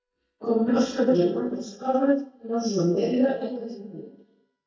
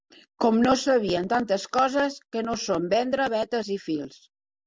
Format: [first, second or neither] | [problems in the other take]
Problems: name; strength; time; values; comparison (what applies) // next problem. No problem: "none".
second | noise reduction (neural mask model DeepFilterNet 3)